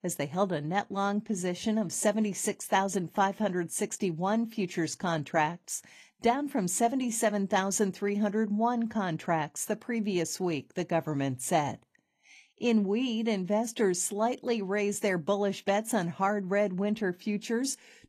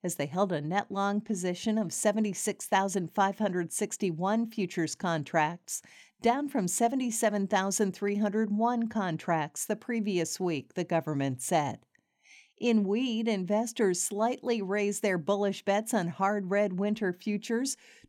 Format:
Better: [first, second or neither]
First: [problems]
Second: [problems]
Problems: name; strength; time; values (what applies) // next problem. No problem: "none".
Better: second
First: garbled, watery; slightly; nothing above 14 kHz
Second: none